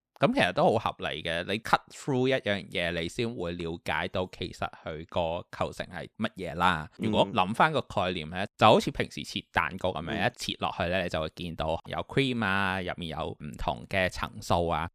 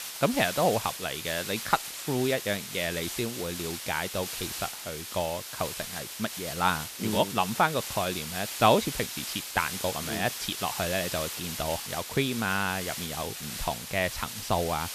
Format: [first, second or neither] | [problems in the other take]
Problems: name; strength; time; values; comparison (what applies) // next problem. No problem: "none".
first | hiss; loud; throughout; 5 dB below the speech